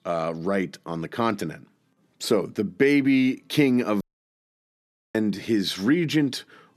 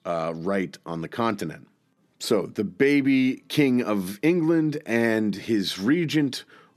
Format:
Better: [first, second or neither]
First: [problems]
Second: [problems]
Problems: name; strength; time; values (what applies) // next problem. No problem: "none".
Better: second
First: audio cutting out; at 4 s for 1 s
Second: none